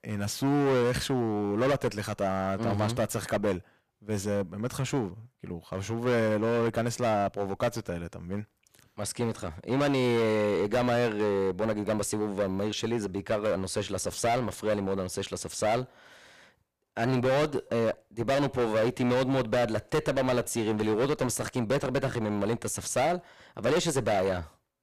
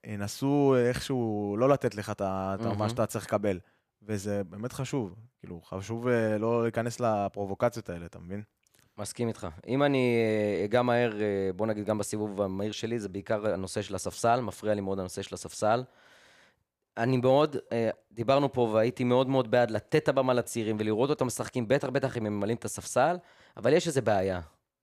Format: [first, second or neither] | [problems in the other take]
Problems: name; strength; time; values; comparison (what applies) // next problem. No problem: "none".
second | distortion; heavy; 13% of the sound clipped